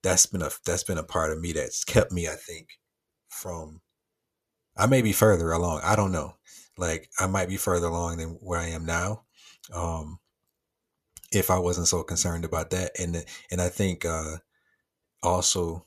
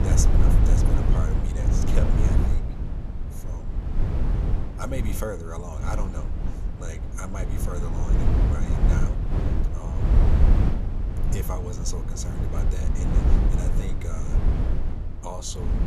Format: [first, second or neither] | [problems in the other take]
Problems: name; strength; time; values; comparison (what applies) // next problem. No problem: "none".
first | wind noise on the microphone; heavy; 1 dB above the speech